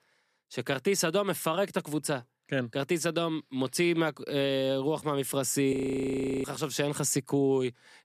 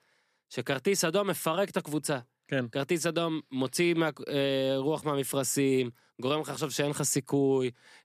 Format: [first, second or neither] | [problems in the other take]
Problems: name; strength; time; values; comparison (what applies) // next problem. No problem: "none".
second | audio freezing; at 5.5 s for 0.5 s